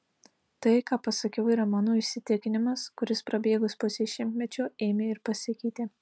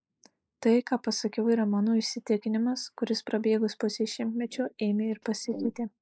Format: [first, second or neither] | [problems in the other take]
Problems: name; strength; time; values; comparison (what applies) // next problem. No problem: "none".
first | noise reduction (neural mask model Resemble Enhance denoiser)